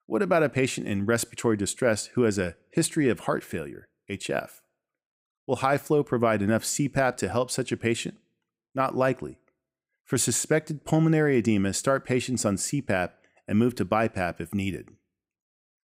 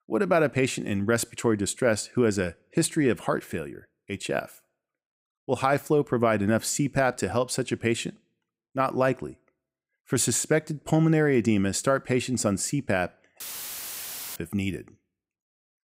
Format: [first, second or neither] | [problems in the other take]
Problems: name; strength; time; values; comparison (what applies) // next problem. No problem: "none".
first | audio cutting out; filled with static; at 13 s for 1 s